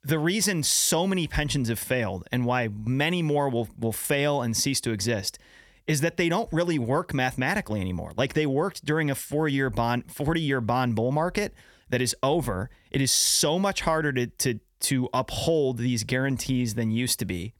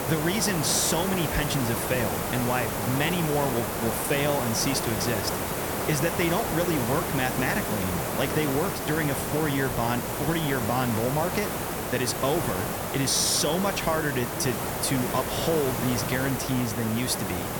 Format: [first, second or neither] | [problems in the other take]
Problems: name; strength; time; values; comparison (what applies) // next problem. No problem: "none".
first | hiss; loud; throughout; 2 dB below the speech